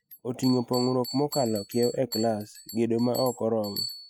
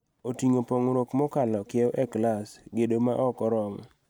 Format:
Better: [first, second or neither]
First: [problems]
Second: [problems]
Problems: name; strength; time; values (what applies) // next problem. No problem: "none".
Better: second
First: noise reduction (classical method Wiener filter)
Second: none